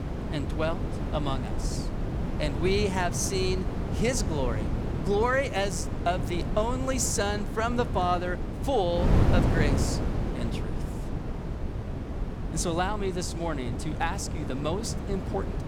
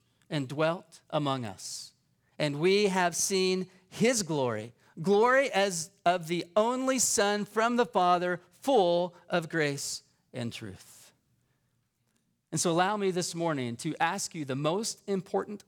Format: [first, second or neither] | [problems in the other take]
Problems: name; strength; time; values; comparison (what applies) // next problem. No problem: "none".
second | wind noise on the microphone; heavy; 8 dB below the speech